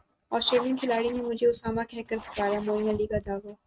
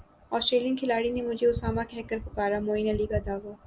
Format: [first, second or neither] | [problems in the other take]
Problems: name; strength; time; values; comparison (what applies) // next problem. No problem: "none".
second | noise reduction (neural mask model RNNoise)